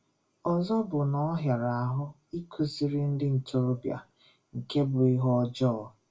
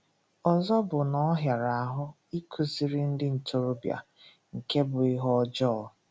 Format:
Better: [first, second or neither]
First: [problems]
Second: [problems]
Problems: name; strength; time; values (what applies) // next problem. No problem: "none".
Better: second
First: room echo; dies away in 0.2 s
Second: none